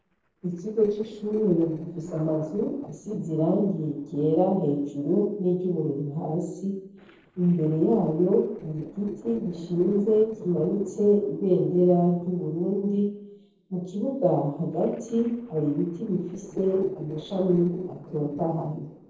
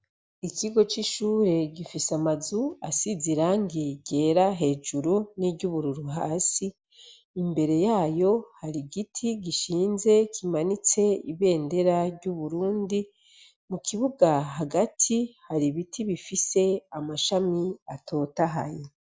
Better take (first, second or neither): second